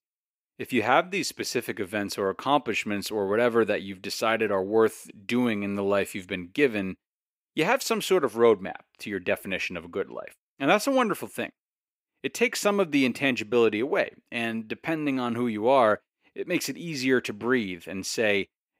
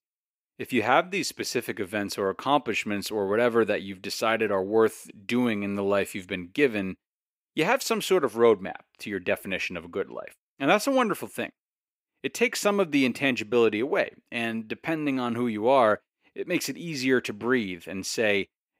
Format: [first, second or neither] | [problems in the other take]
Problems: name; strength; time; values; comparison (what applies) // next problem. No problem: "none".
neither | thin; somewhat; fading below 350 Hz; the same in both